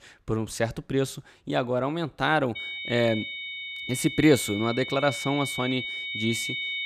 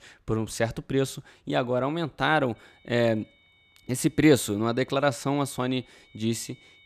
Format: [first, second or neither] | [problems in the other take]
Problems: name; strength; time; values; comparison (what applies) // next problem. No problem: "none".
second | high-pitched whine; loud; from 2.5 s on; 2 kHz, 5 dB below the speech; faint in the second